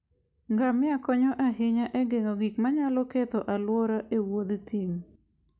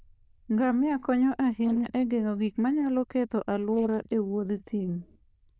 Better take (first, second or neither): first